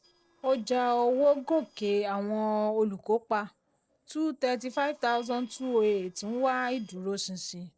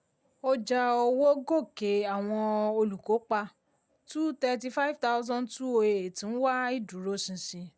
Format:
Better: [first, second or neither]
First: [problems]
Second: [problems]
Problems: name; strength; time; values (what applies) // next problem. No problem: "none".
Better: second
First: noise reduction (neural separator model SepFormer DNS4)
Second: none